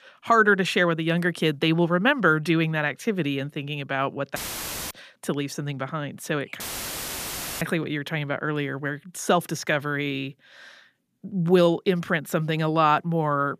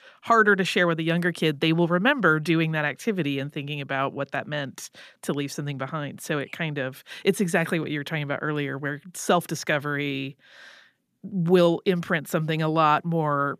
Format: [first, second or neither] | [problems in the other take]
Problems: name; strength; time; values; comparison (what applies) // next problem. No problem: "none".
second | audio cutting out; filled with static; at 4.5 s for 0.5 s and at 6.5 s for 1 s